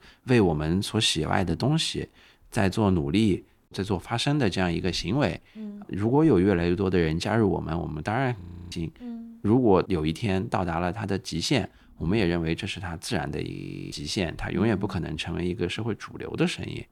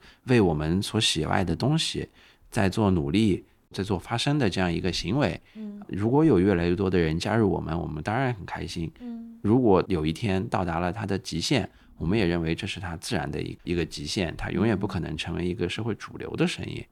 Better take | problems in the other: second | audio freezing; at 8.5 s and at 14 s

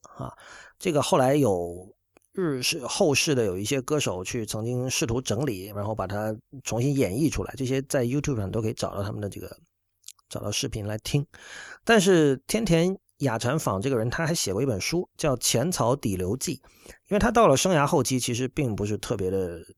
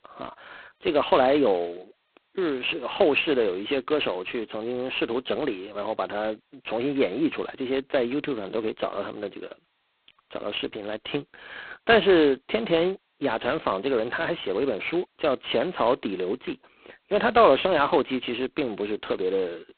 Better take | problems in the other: first | phone-call audio; poor line; nothing above 4 kHz

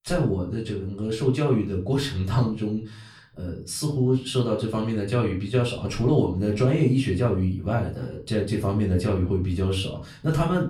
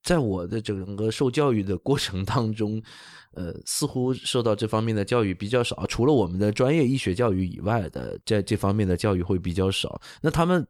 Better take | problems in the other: second | off-mic speech; far // room echo; slight; dies away in 0.4 s

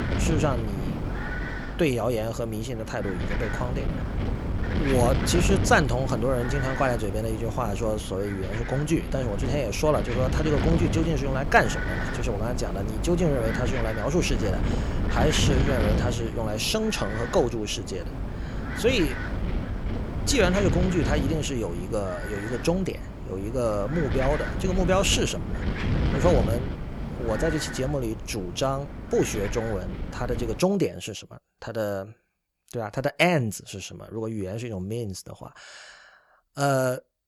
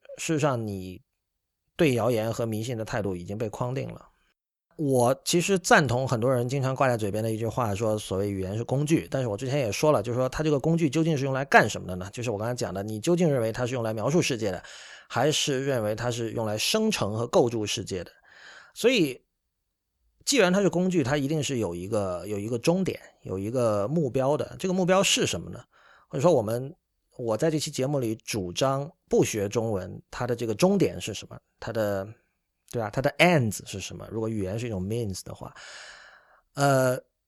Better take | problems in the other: second | wind noise on the microphone; heavy; until 31 s; 7 dB below the speech

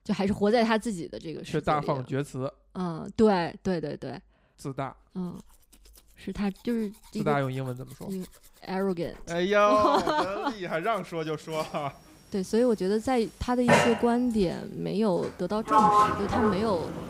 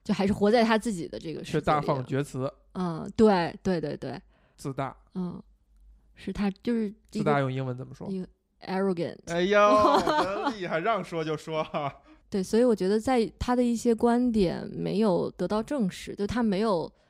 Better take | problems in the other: second | household noises; very loud; from 5 s on; 3 dB above the speech

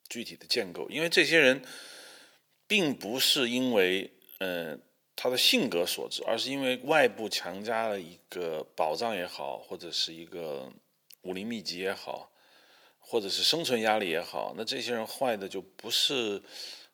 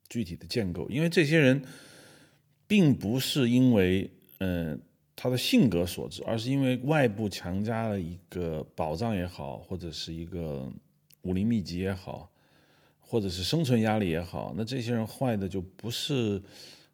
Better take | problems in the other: second | thin; somewhat; fading below 500 Hz

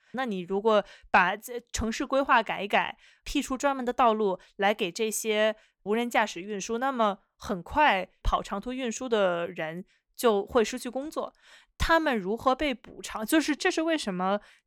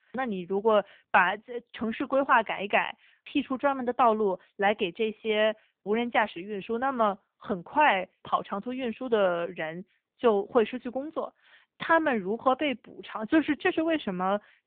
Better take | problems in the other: first | phone-call audio

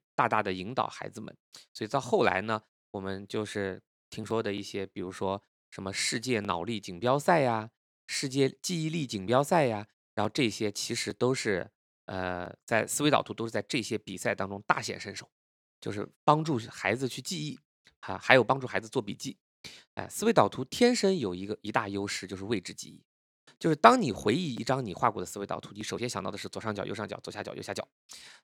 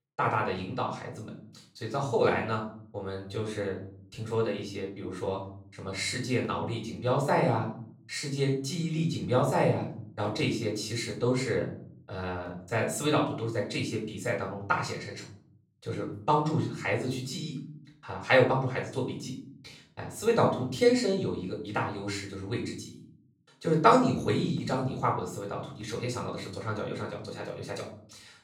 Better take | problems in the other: first | off-mic speech; far // room echo; slight; dies away in 0.7 s

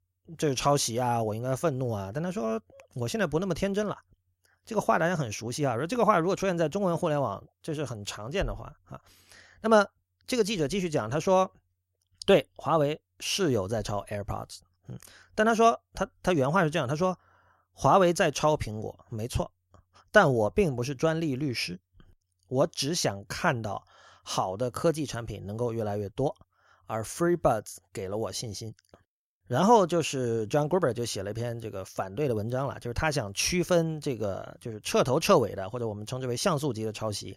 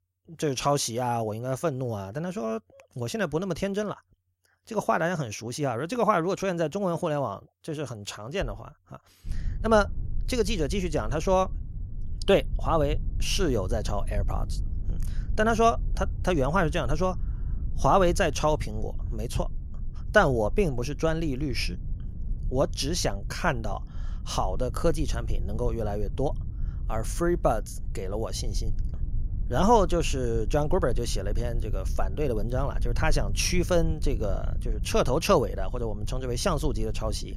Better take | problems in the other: first | low rumble; faint; from 9.5 s on; 25 dB below the speech

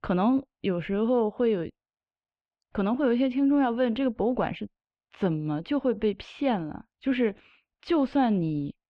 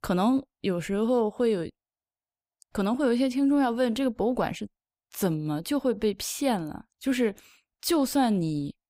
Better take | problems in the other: second | muffled; very; fading above 3 kHz

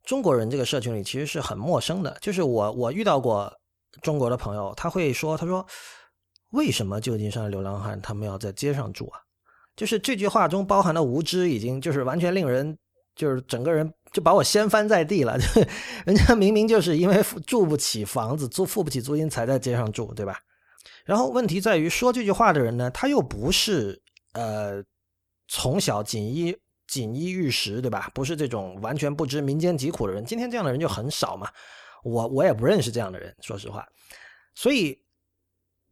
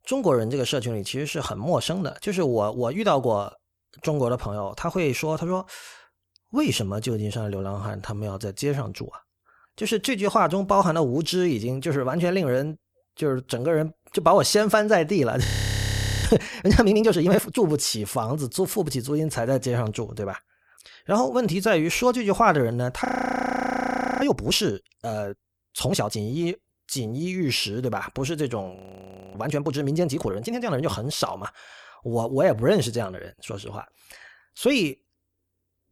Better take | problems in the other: first | audio freezing; at 15 s for 1 s, at 23 s for 1 s and at 29 s for 0.5 s

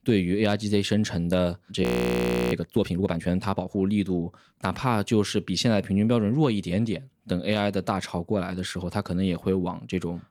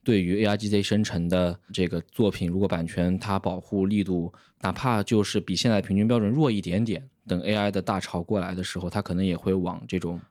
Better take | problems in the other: second | audio freezing; at 2 s for 0.5 s

